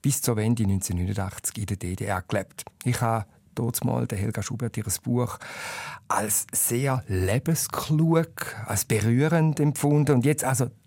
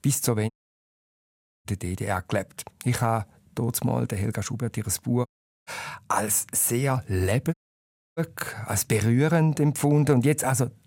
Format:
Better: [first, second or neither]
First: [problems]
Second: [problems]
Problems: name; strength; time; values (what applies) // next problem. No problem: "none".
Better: first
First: none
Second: audio cutting out; at 0.5 s for 1 s, at 5.5 s and at 7.5 s for 0.5 s